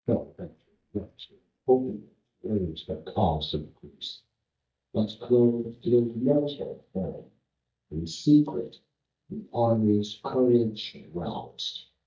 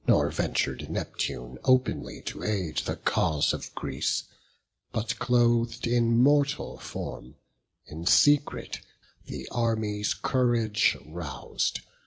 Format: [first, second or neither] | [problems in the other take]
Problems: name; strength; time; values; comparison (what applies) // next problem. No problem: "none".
second | noise reduction (neural mask model DeepFilterNet 3)